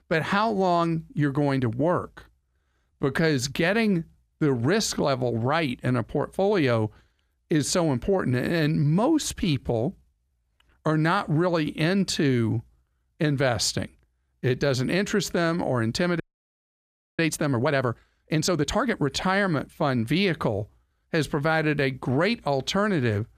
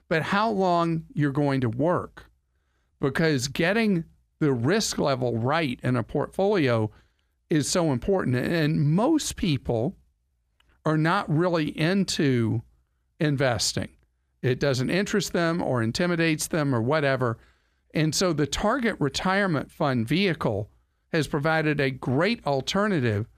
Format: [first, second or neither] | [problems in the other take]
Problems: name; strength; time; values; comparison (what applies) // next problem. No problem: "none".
second | audio freezing; at 16 s for 1 s